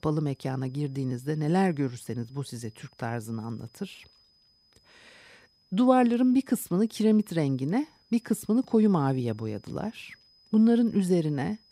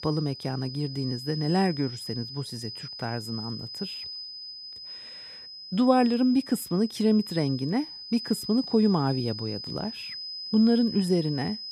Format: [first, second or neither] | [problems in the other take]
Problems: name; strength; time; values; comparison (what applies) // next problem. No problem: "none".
first | high-pitched whine; loud; throughout; 5 kHz, 10 dB below the speech; faint in the first